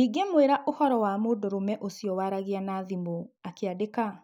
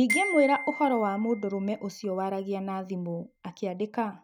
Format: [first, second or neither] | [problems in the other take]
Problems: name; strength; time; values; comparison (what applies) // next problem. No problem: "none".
first | background sound (Glockenspiel); 9 dB below the speech